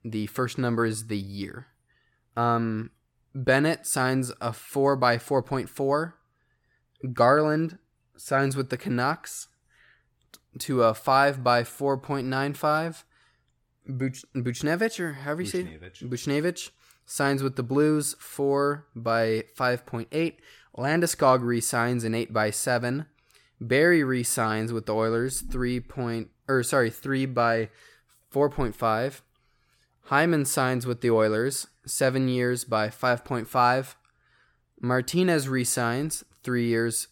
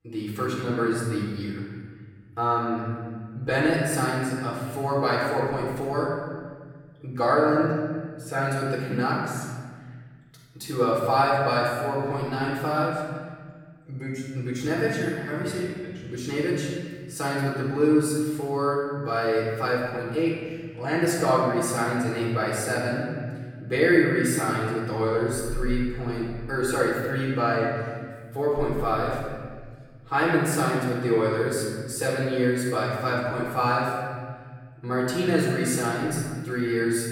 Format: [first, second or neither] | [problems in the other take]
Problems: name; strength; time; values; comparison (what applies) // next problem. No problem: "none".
first | off-mic speech; far // room echo; strong; dies away in 1.8 s